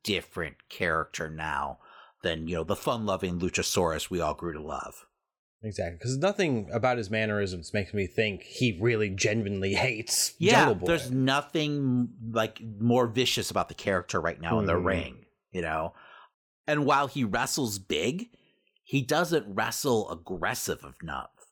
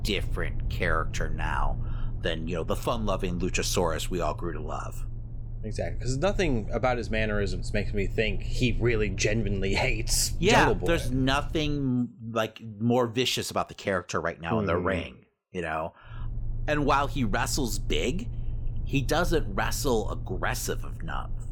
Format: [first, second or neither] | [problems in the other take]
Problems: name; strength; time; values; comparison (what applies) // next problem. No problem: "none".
first | low rumble; faint; until 12 s and from 16 s on; 20 dB below the speech